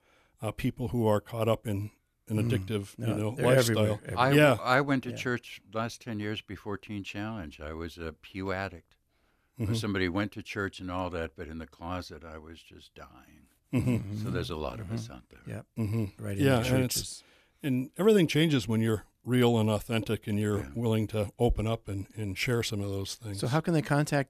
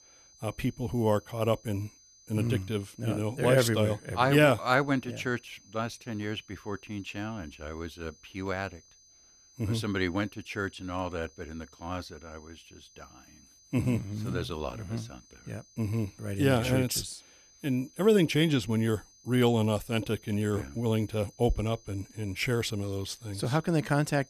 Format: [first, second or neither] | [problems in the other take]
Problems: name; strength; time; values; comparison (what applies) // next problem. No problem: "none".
first | high-pitched whine; faint; throughout; 6 kHz, 25 dB below the speech